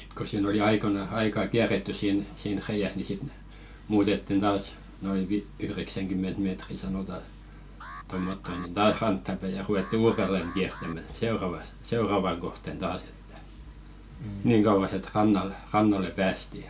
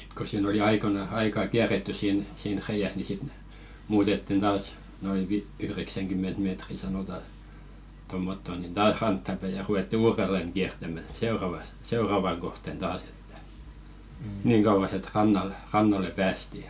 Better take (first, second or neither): second